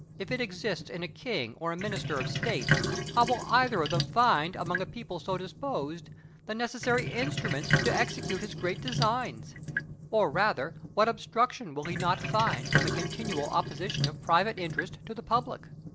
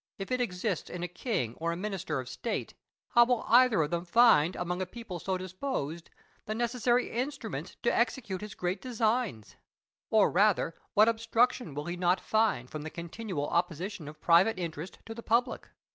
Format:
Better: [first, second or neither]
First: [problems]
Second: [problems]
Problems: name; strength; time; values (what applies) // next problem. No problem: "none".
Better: second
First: background sound (Sink (filling or washing)); 4 dB below the speech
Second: none